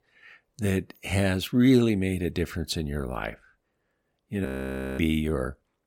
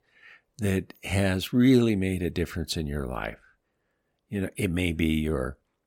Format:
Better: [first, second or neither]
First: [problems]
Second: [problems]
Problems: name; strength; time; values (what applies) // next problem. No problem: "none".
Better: second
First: audio freezing; at 4.5 s for 0.5 s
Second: none